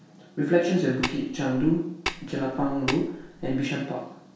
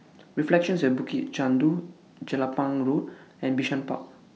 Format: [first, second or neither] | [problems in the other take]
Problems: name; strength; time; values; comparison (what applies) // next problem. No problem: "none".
second | background sound (Tap); 8 dB below the speech // room echo; dies away in 0.6 s